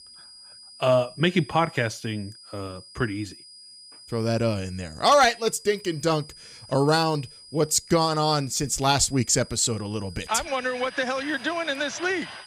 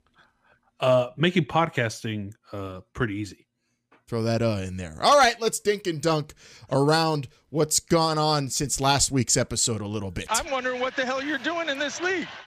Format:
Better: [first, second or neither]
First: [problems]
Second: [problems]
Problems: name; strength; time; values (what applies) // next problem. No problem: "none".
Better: second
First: high-pitched whine; faint; throughout; 5 kHz, 20 dB below the speech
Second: none